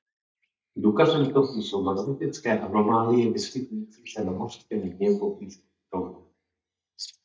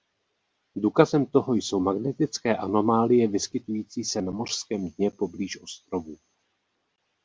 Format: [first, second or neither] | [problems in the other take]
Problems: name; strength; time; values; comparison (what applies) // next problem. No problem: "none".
second | noise reduction (neural mask model DeepFilterNet 3)